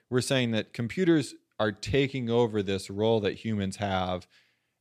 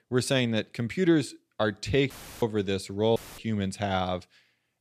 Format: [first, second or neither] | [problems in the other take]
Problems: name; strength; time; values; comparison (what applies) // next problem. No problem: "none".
first | audio cutting out; filled with static; at 2 s and at 3 s